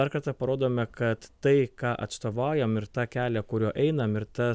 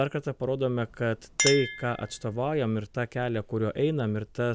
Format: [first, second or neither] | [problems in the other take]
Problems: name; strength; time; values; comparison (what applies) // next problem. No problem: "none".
first | background sound (Chink, clink); 9 dB below the speech